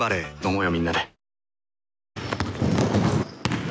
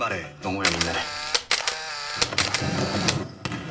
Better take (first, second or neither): first